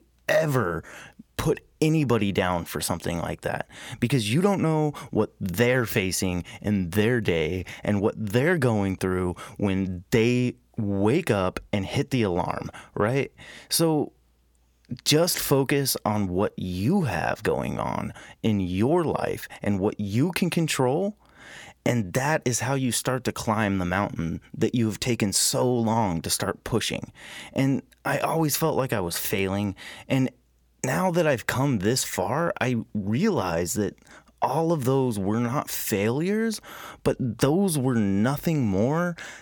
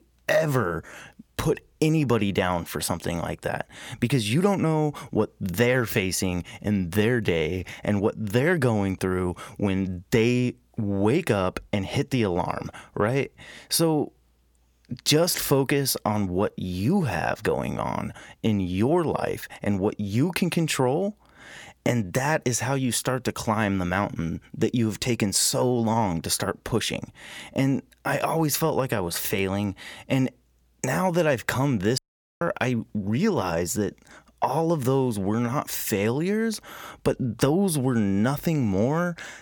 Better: first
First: none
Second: audio cutting out; at 32 s

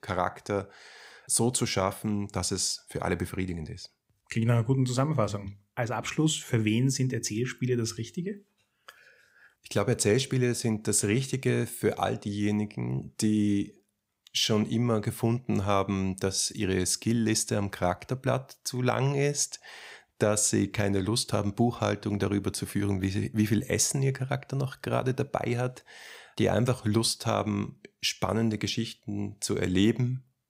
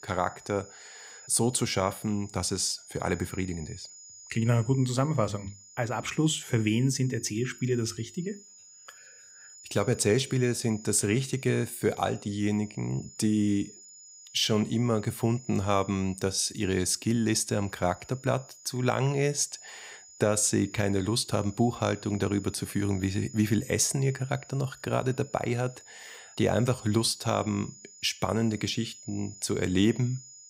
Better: first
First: none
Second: high-pitched whine; noticeable; throughout; 7 kHz, 20 dB below the speech

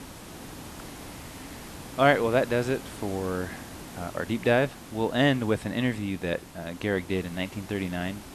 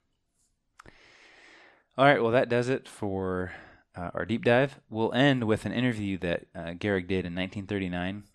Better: second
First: hiss; noticeable; throughout; 15 dB below the speech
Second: none

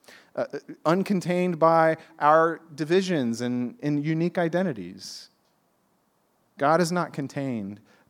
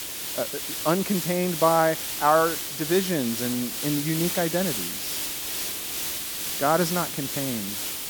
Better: first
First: none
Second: hiss; loud; throughout; 3 dB below the speech

